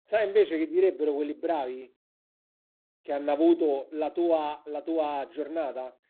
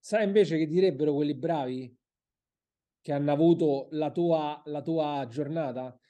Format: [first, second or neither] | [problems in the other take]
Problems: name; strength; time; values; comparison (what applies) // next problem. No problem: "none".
second | phone-call audio; poor line